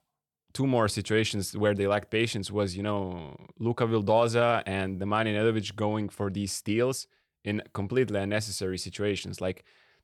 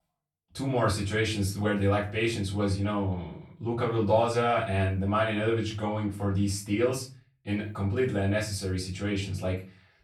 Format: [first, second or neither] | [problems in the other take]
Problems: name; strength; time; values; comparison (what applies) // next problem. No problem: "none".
first | off-mic speech; far // room echo; slight; dies away in 0.3 s